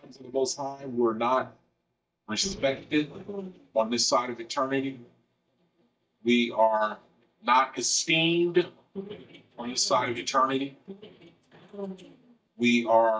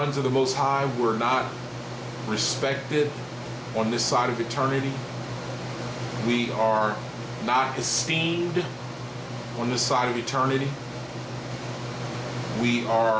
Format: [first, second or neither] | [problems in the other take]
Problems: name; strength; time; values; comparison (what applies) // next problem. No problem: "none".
second | noise reduction (neural mask model DeepFilterNet 3)